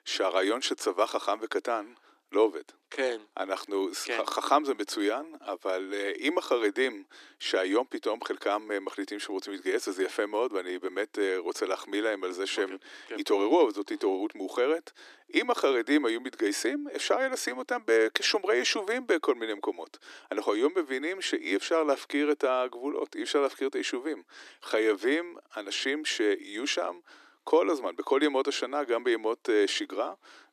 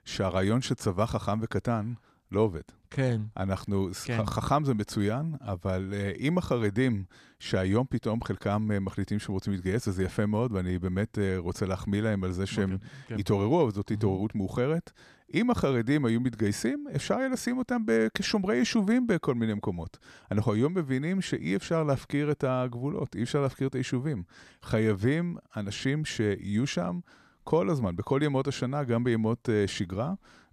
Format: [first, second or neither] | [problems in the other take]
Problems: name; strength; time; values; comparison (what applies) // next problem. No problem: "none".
second | thin; somewhat; fading below 300 Hz